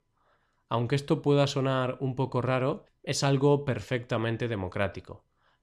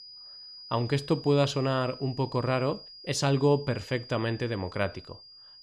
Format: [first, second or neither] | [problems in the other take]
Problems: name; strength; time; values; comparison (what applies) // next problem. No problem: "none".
first | high-pitched whine; noticeable; throughout; 5 kHz, 15 dB below the speech